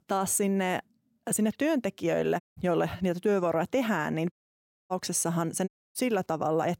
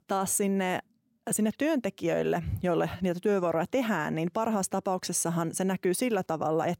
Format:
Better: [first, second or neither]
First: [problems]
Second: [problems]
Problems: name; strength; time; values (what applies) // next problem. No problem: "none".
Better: second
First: audio cutting out; at 2.5 s, at 4.5 s for 0.5 s and at 5.5 s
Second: none